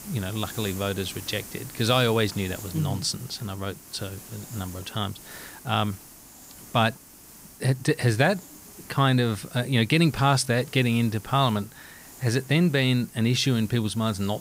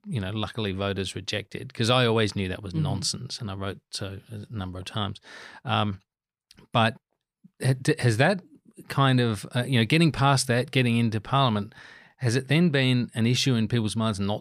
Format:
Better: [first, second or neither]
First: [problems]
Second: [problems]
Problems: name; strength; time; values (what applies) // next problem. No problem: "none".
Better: second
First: hiss; noticeable; throughout; 15 dB below the speech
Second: none